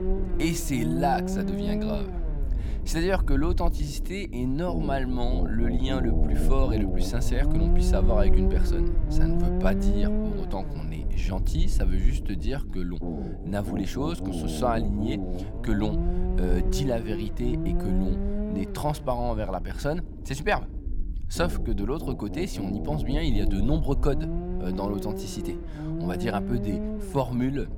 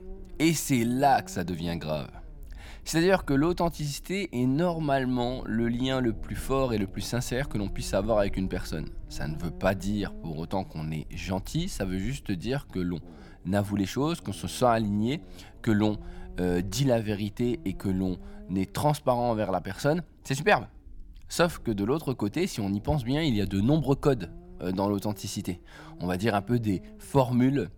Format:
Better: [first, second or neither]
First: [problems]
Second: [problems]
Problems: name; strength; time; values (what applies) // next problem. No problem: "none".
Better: second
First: low rumble; loud; throughout; 5 dB below the speech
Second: low rumble; faint; throughout; 25 dB below the speech